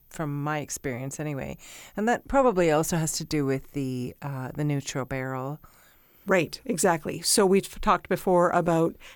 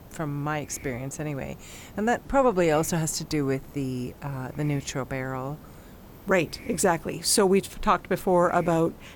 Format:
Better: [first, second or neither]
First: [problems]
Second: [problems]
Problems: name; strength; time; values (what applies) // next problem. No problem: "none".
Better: first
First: none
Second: hiss; faint; throughout; 20 dB below the speech